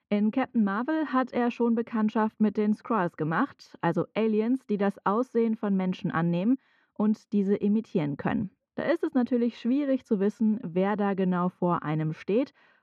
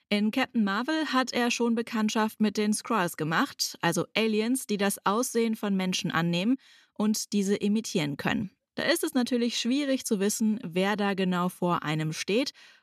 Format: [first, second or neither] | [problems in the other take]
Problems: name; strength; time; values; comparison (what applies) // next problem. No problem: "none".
second | muffled; very; fading above 3.5 kHz